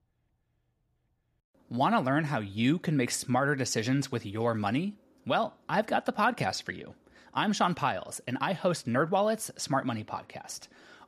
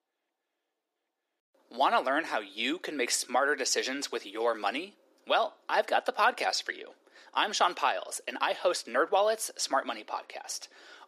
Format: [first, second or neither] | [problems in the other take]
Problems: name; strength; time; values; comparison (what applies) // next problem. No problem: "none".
first | thin; somewhat; fading below 350 Hz